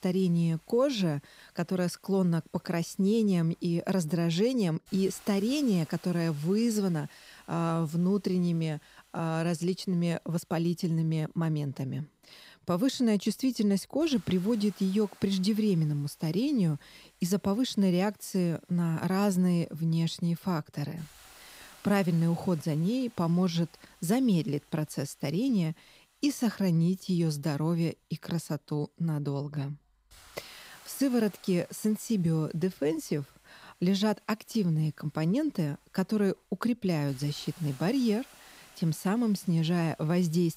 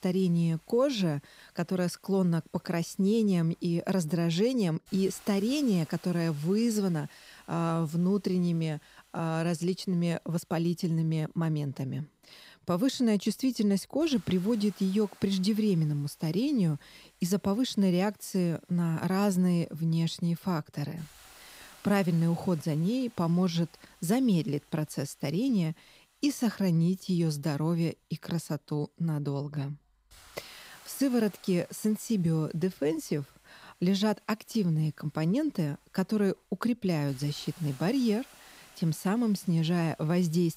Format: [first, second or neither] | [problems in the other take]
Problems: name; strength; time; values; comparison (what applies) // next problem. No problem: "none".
neither | hiss; faint; throughout; 25 dB below the speech; the same in both